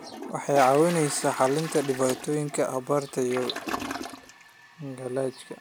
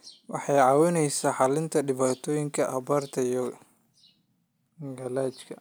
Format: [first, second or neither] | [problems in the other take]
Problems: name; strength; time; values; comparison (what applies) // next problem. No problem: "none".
second | background sound (Toilet flush); 11 dB below the speech